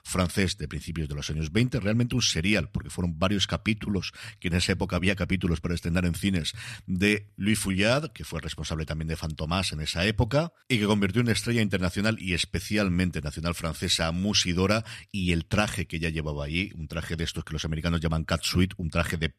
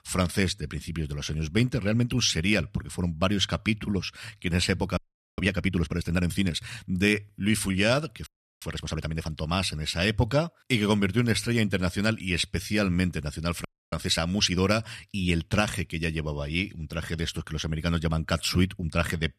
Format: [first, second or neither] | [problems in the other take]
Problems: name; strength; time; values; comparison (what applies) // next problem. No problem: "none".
first | audio freezing; at 5 s, at 8.5 s and at 14 s